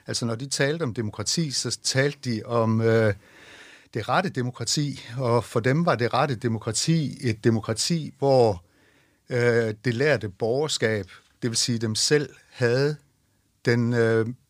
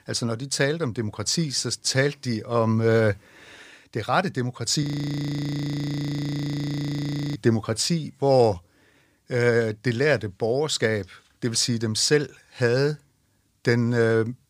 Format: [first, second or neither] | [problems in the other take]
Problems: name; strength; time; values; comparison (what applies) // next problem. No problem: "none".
first | audio freezing; at 5 s for 2.5 s